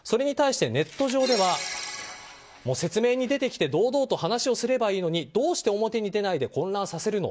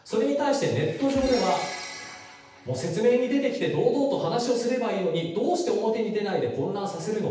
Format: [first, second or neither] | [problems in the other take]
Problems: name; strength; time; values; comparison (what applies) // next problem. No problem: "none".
first | background sound (Gunshot, gunfire); 15 dB below the speech // room echo; dies away in 0.9 s